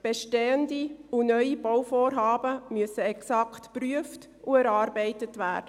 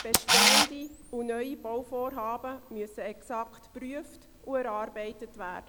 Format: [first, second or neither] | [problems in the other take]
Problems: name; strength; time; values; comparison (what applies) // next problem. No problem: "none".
first | background sound (Camera); 4 dB above the speech